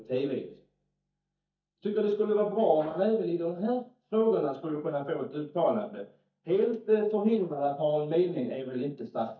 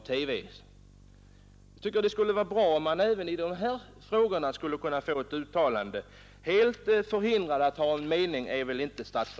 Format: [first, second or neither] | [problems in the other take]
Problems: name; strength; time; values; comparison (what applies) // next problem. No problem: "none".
second | noise reduction (neural mask model DeepFilterNet 3)